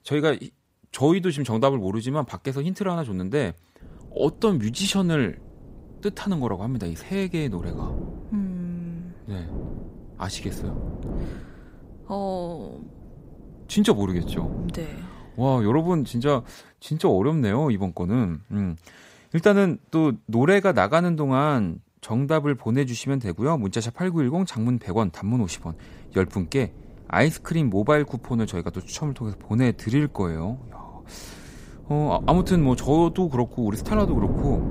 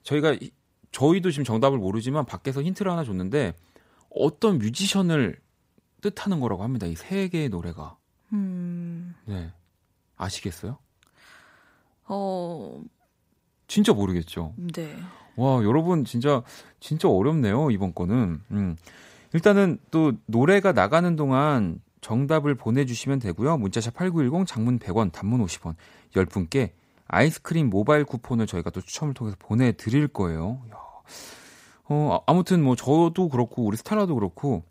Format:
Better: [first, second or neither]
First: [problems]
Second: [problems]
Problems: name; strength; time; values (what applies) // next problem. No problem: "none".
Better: second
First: wind noise on the microphone; occasional gusts; from 4 to 17 s and from 25 s on; 20 dB below the speech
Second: none